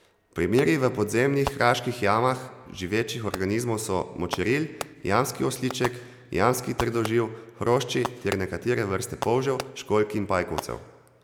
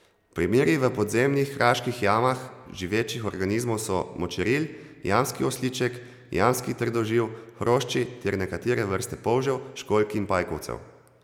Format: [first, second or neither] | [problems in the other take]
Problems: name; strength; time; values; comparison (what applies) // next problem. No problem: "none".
second | background sound (Fireworks); 14 dB below the speech